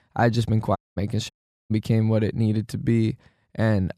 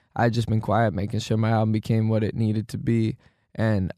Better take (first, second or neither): second